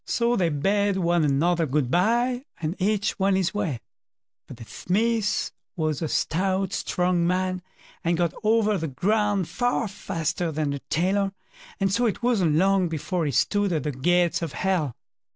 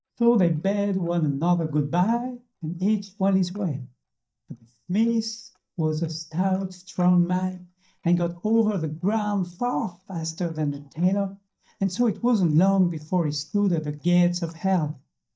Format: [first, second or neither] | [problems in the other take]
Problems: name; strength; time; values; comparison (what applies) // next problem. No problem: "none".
first | noise reduction (neural mask model DeepFilterNet 3)